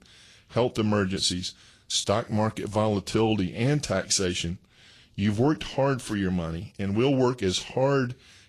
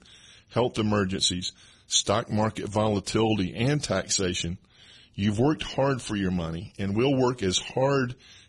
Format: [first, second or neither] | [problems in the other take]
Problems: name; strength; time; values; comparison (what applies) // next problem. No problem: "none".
first | garbled, watery; badly; slightly in the first